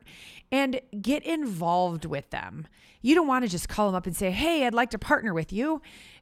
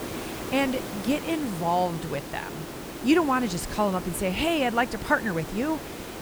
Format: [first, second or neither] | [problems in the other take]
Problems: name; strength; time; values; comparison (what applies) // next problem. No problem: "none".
first | hiss; loud; throughout; 9 dB below the speech